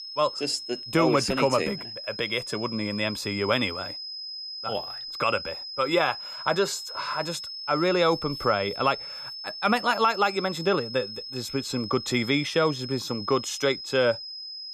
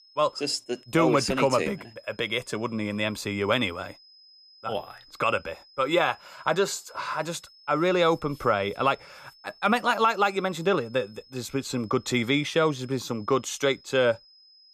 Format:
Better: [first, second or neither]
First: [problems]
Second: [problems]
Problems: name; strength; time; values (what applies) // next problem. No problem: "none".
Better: second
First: high-pitched whine; loud; throughout; 5 kHz, 8 dB below the speech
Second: high-pitched whine; faint; throughout; 5 kHz, 25 dB below the speech